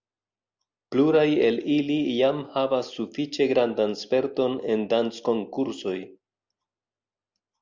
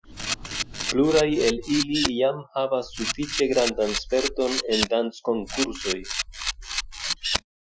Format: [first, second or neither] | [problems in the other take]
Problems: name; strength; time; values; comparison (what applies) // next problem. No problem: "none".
first | noise reduction (classical method Wiener filter)